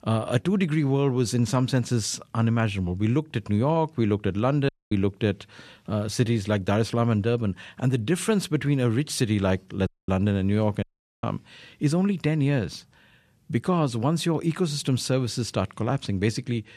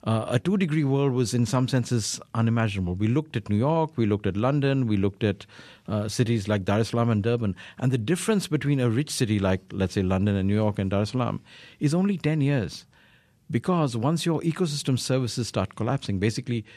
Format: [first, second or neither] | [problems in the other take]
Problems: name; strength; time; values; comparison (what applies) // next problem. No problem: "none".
second | audio cutting out; at 4.5 s, at 10 s and at 11 s